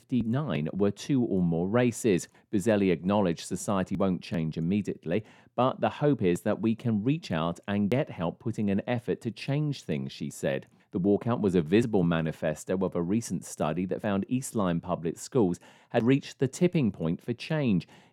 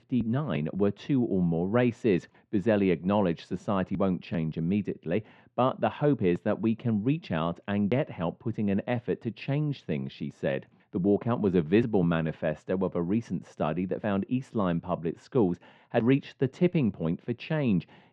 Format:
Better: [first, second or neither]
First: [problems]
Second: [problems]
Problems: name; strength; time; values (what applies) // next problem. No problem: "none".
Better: first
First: none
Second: muffled; slightly; fading above 3.5 kHz